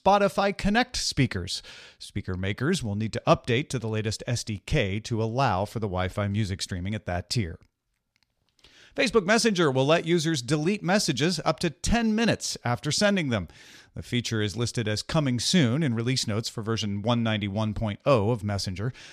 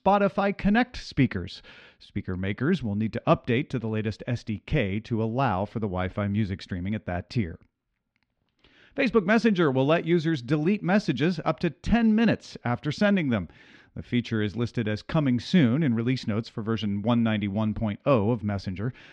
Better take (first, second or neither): first